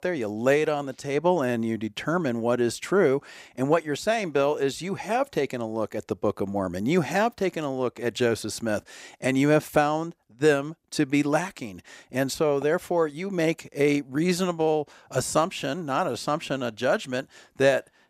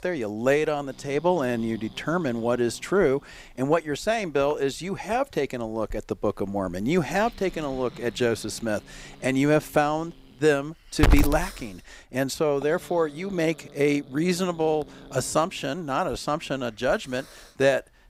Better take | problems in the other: first | hiss; loud; throughout; 9 dB below the speech

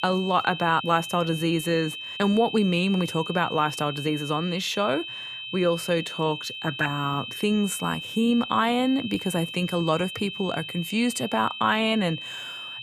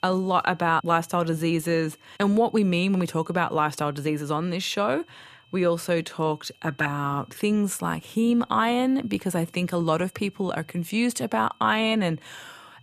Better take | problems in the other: second | high-pitched whine; loud; throughout; 3 kHz, 8 dB below the speech; faint in the second

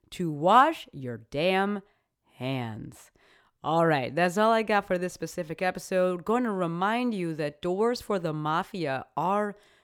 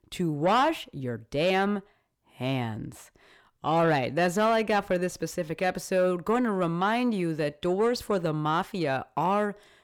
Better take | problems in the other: first | distortion; slight; 10 dB below the speech

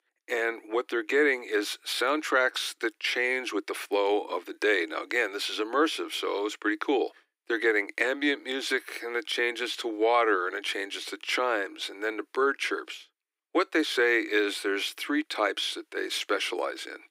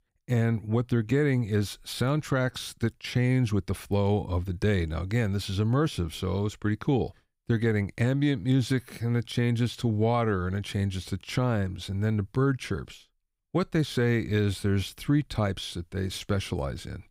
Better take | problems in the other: second | thin; very; fading below 300 Hz

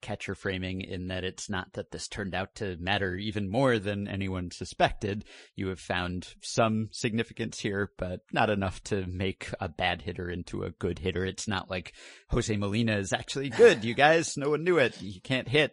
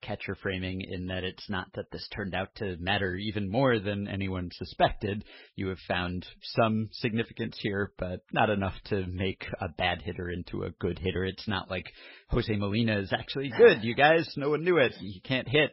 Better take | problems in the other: first | garbled, watery; badly; nothing above 5.5 kHz; slightly in the first

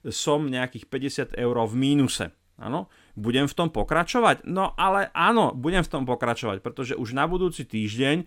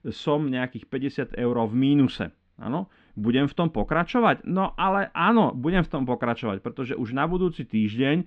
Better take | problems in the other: first | muffled; slightly; fading above 3 kHz

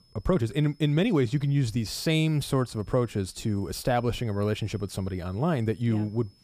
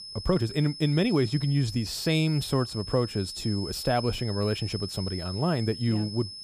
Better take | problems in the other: first | high-pitched whine; loud; throughout; 5 kHz, 10 dB below the speech; faint in the first

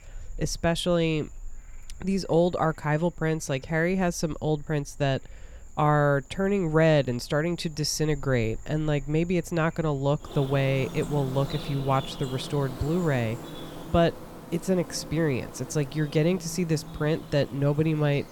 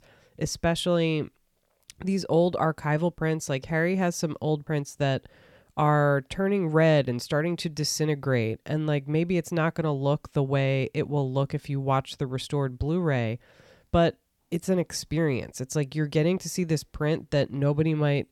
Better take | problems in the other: second | animal sounds; noticeable; throughout; 15 dB below the speech

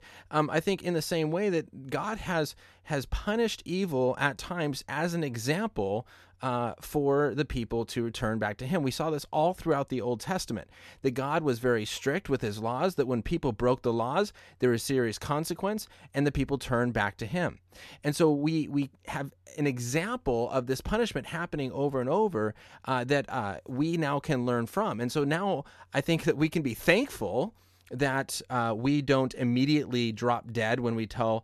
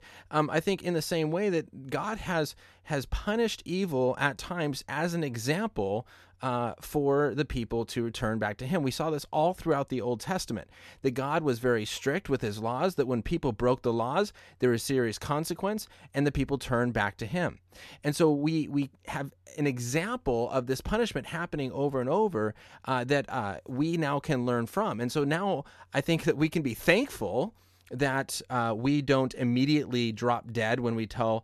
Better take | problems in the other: neither | none

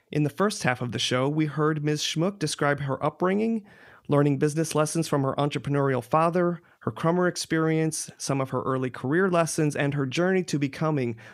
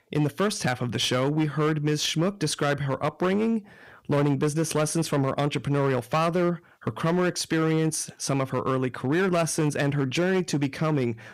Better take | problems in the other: first | distortion; slight; 11% of the sound clipped

